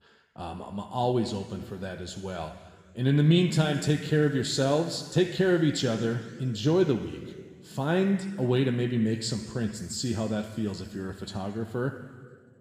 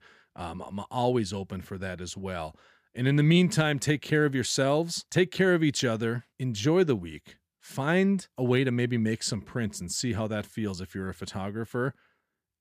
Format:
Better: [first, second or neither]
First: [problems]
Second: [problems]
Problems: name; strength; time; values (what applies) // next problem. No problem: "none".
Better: second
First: room echo; noticeable; dies away in 1.7 s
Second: none